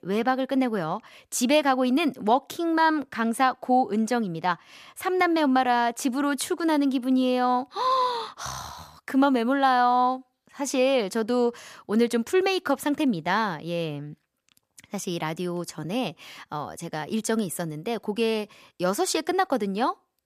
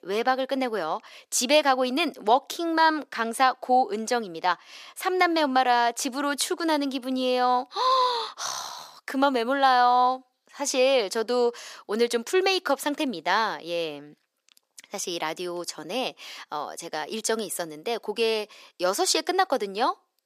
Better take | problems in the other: first | thin; somewhat; fading below 450 Hz

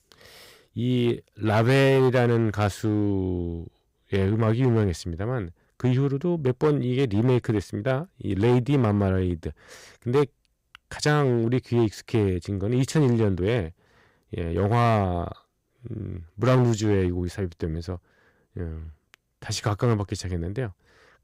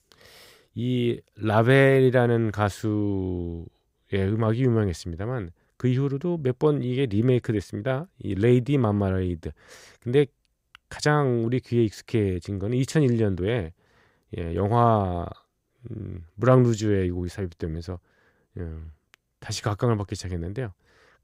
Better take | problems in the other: second | distortion; slight; 5% of the sound clipped

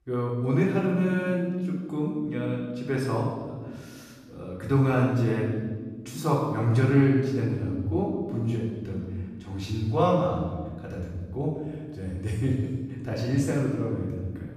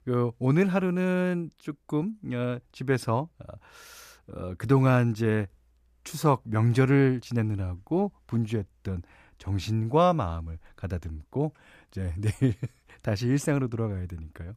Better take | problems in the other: second | off-mic speech; far // room echo; noticeable; dies away in 1.4 s

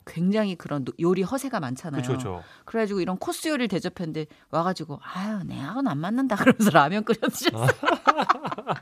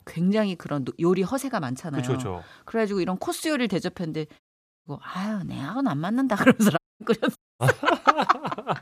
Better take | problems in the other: first | audio cutting out; at 4.5 s, at 7 s and at 7.5 s

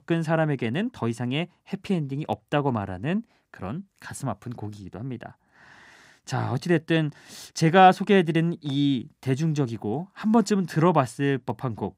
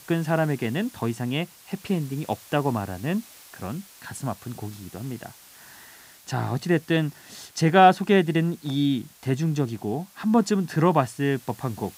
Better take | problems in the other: first | hiss; faint; throughout; 25 dB below the speech

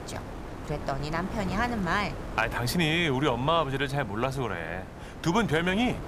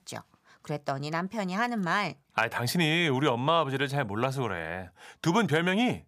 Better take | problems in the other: second | wind noise on the microphone; occasional gusts; 15 dB below the speech

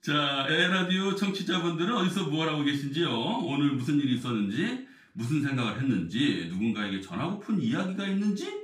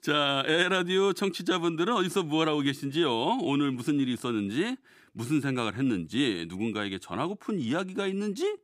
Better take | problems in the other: second | room echo; slight; dies away in 0.3 s // off-mic speech; far

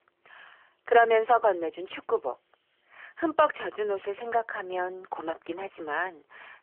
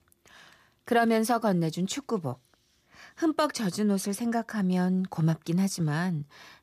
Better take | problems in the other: second | phone-call audio; nothing above 3 kHz

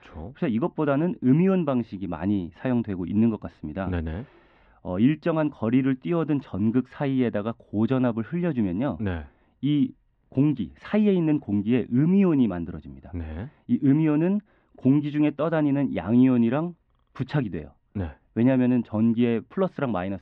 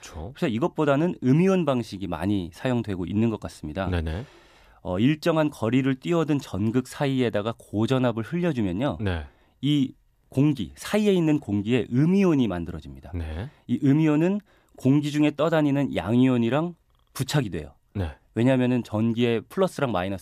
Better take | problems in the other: second | muffled; very; fading above 2.5 kHz

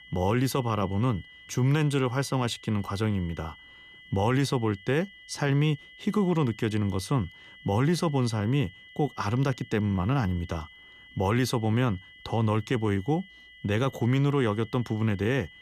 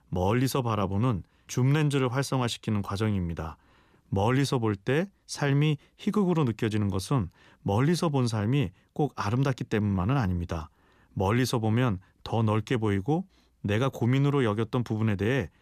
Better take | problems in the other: second | high-pitched whine; faint; throughout; 2 kHz, 20 dB below the speech

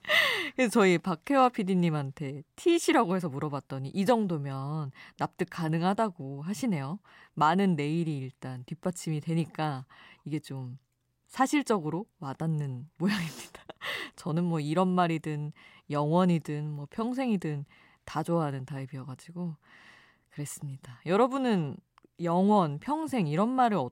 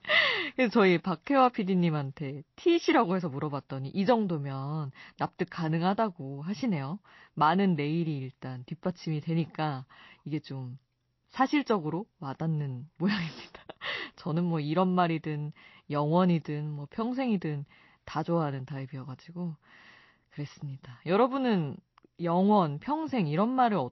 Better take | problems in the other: first | garbled, watery; slightly; nothing above 5.5 kHz

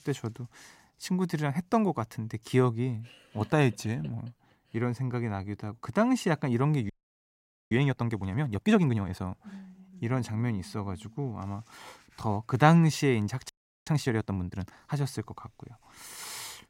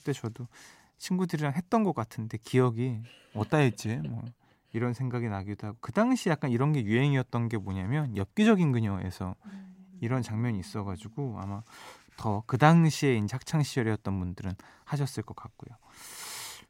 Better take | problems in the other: second | audio freezing; at 7 s for 1 s and at 13 s

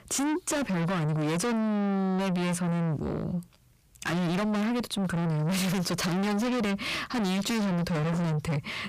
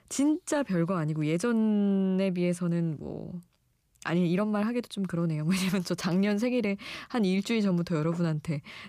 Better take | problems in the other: second | distortion; heavy; 5 dB below the speech

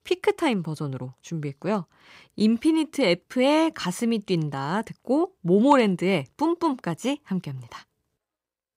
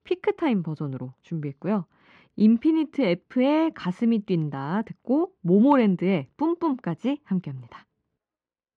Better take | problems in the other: first | muffled; slightly; fading above 2.5 kHz

